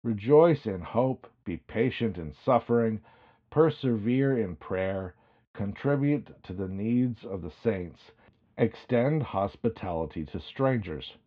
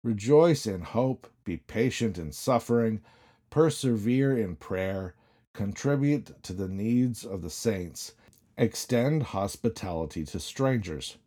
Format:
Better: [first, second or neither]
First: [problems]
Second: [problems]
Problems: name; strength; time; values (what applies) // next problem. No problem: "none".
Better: second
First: muffled; very; fading above 3.5 kHz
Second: none